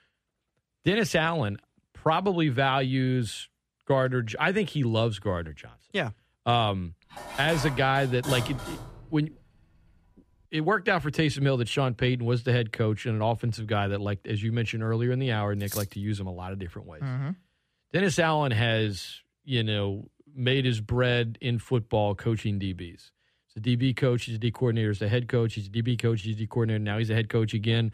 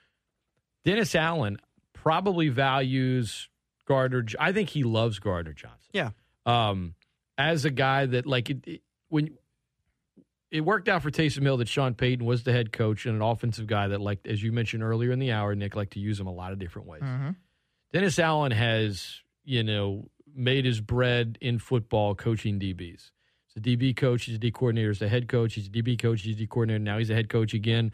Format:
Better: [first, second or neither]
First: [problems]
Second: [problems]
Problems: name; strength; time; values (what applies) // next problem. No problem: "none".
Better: second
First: clattering dishes; noticeable; from 7 to 9 s and at 16 s; peak 6 dB below the speech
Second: none